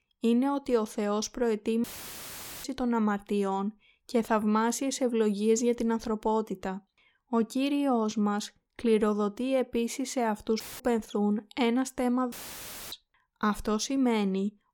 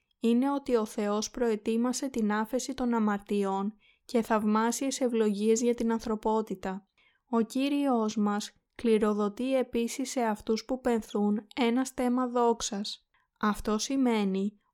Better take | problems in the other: second | audio cutting out; filled with static; at 2 s for 1 s, at 11 s and at 12 s for 0.5 s

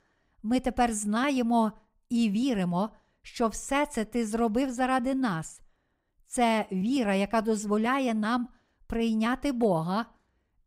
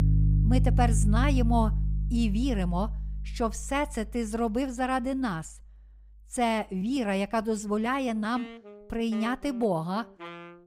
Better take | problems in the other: first | background music; very loud; throughout; 1 dB above the speech

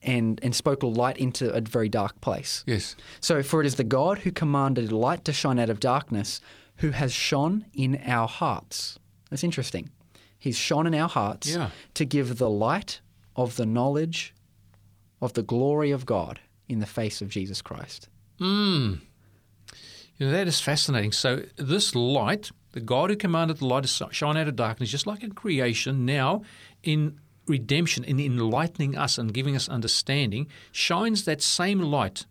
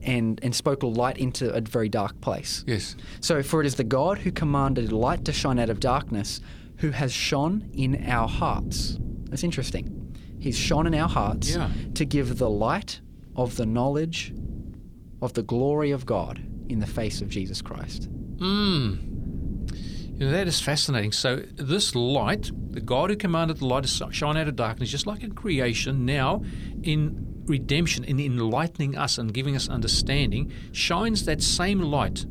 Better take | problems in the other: first | wind noise on the microphone; occasional gusts; 20 dB below the speech

